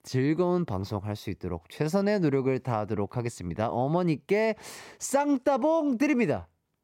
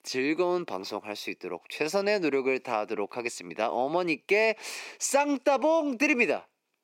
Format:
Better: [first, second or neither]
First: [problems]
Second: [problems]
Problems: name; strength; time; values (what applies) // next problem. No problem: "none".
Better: first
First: none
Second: thin; very slightly; fading below 300 Hz